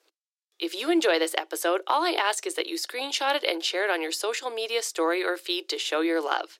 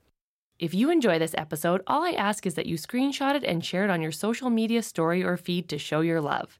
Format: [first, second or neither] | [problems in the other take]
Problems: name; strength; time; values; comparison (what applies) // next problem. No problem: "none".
second | thin; very; fading below 300 Hz